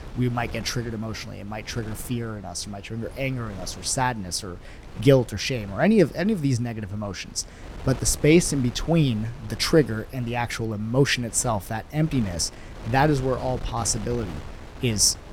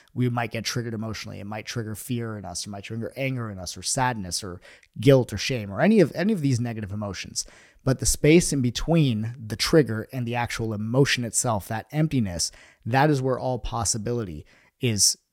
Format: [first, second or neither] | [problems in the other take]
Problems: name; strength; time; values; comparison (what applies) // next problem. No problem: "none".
second | wind noise on the microphone; occasional gusts; 20 dB below the speech